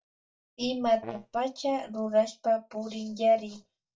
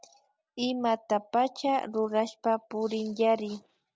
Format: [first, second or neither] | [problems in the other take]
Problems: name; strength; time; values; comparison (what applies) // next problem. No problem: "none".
second | noise reduction (neural mask model DeepFilterNet 3)